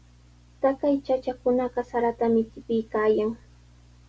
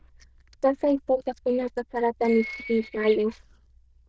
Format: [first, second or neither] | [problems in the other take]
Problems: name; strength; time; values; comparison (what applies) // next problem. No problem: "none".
first | noise reduction (neural diffusion model UNIVERSE++)